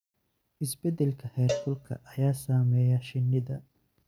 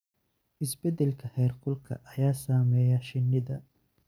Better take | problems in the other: second | background sound (Cowbell); 11 dB below the speech

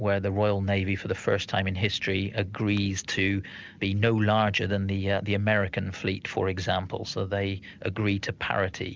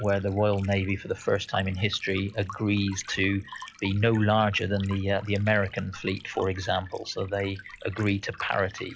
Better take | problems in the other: first | noise reduction (classical method log-MMSE)

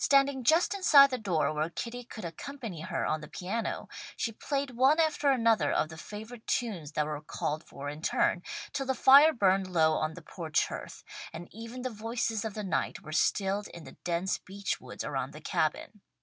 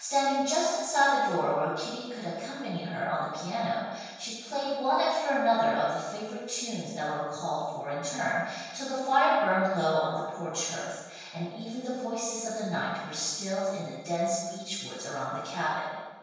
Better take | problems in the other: first | room echo; dies away in 1.2 s

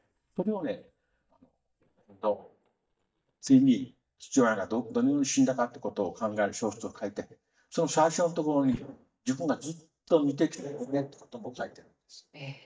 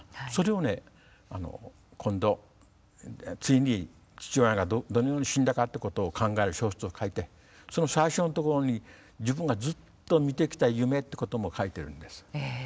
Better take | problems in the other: second | noise reduction (neural mask model DeepFilterNet 3)

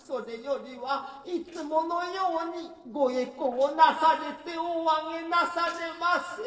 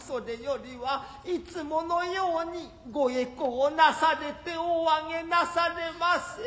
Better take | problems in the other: second | noise reduction (neural separator model SepFormer DNS4)

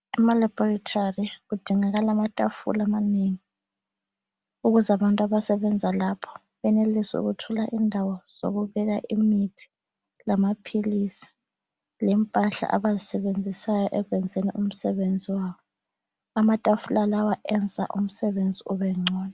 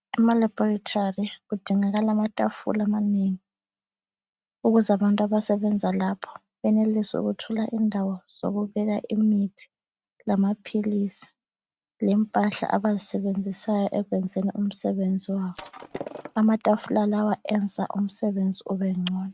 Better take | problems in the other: first | noise reduction (neural mask model RNNoise)

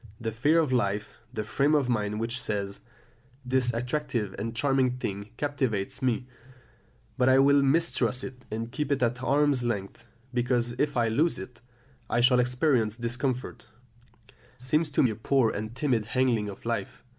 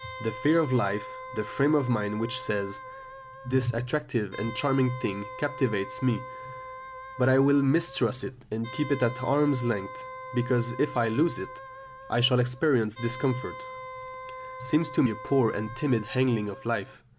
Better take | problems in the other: first | background sound (Wind instrument, woodwind instrument); 13 dB below the speech

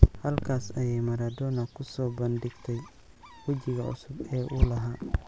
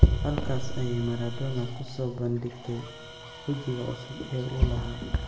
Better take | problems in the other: first | background sound (Tools); 18 dB below the speech // room echo; dies away in 1.4 s

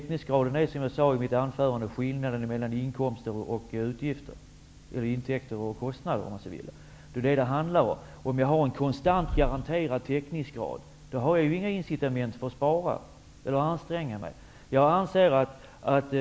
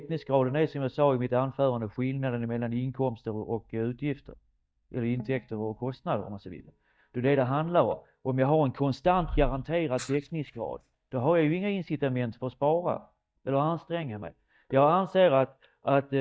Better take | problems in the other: first | noise reduction (neural mask model DeepFilterNet 3)

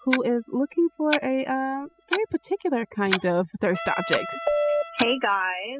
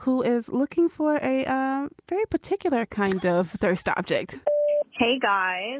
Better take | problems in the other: second | noise reduction (classical method spectral subtraction)

